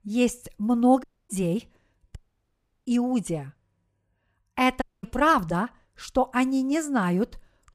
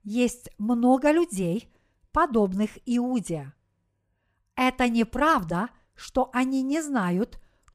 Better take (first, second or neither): second